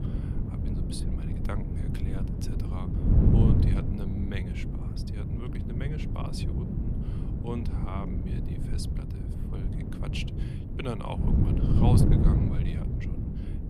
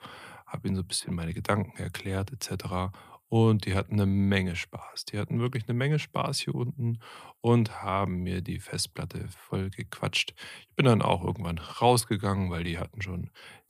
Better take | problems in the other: second | wind noise on the microphone; heavy; 3 dB above the speech

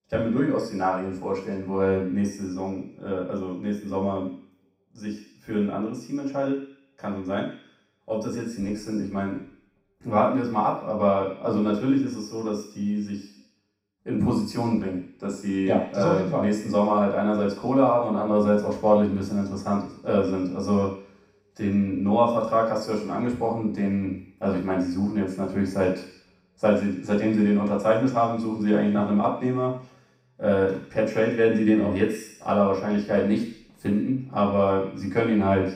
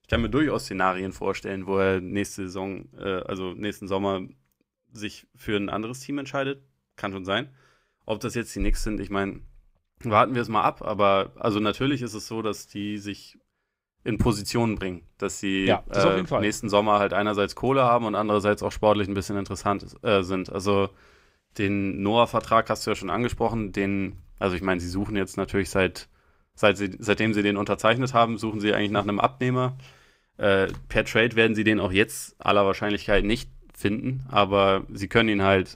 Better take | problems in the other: second | room echo; noticeable; dies away in 0.7 s // off-mic speech; far

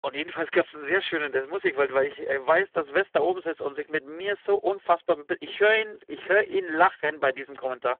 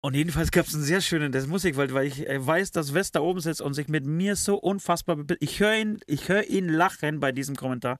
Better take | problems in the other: second | phone-call audio; poor line

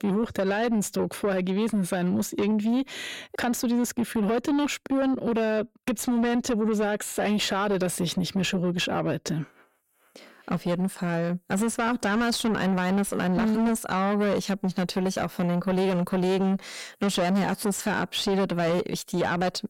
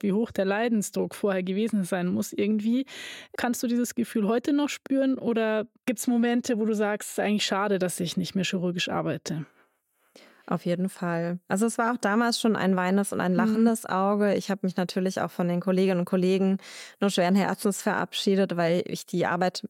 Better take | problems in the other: second | distortion; slight; 9 dB below the speech

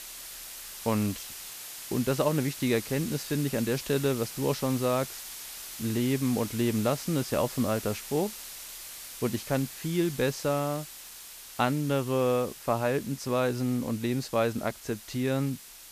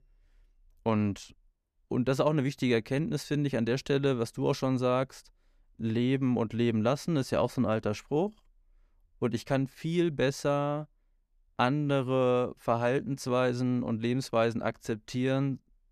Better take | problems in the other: second | hiss; noticeable; throughout; 10 dB below the speech

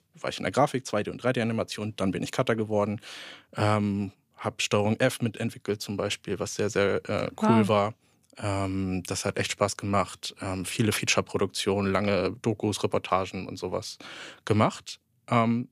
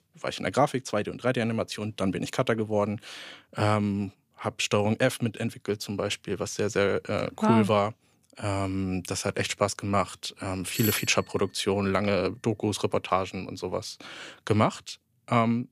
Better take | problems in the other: first | doorbell; noticeable; at 11 s; peak 4 dB below the speech

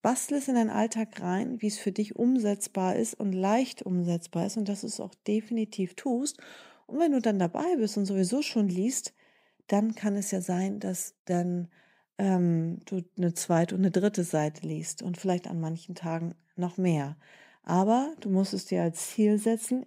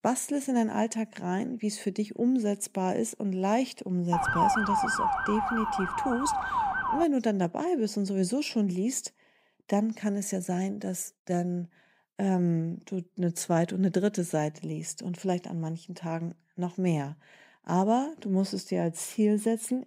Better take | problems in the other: first | siren; loud; from 4 to 7 s; peak 5 dB above the speech

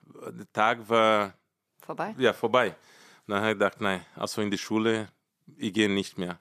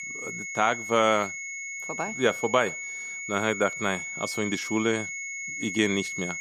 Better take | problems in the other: first | high-pitched whine; loud; throughout; 2 kHz, 6 dB below the speech

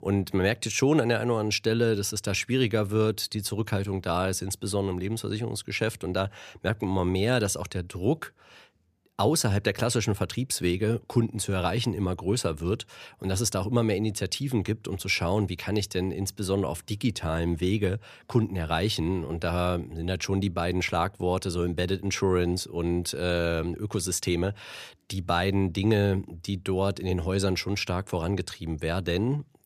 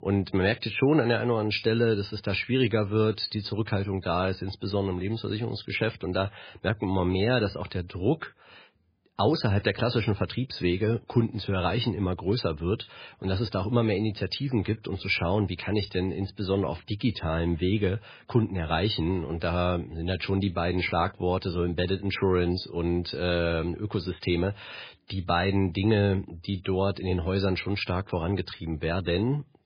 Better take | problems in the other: first | garbled, watery; badly

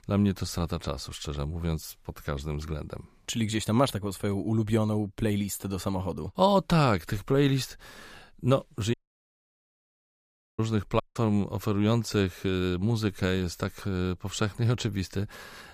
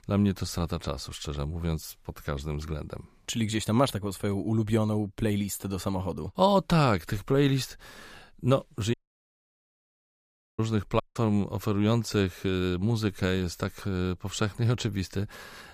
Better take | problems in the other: neither | audio cutting out; at 9 s for 1.5 s and at 11 s; the same in both

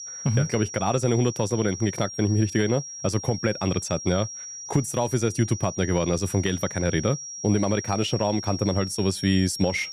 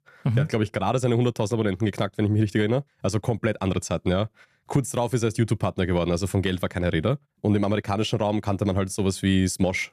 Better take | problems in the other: second | high-pitched whine; loud; throughout; 5.5 kHz, 9 dB below the speech

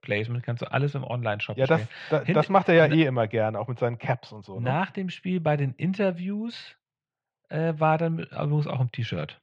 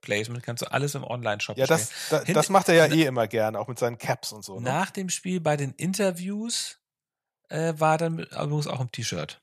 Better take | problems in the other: second | muffled; very; fading above 3 kHz

